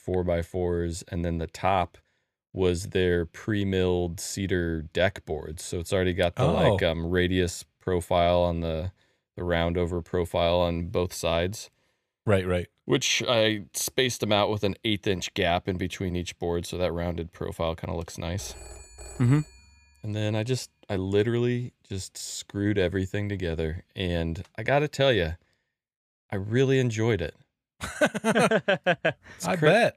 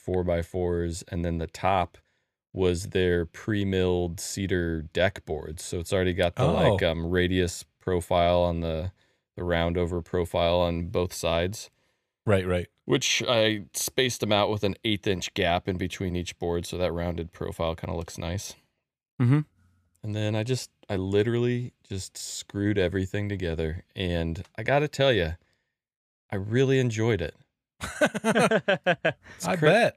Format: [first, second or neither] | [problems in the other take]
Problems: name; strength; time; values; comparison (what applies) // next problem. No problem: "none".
second | phone ringing; faint; from 18 to 20 s; peak 15 dB below the speech